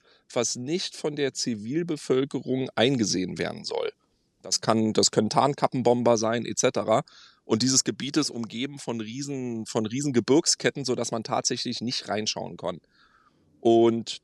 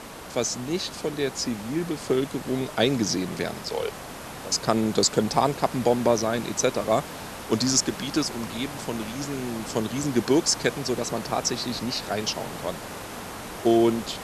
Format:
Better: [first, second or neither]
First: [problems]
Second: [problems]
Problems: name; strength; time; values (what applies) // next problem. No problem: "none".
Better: first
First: none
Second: hiss; noticeable; throughout; 10 dB below the speech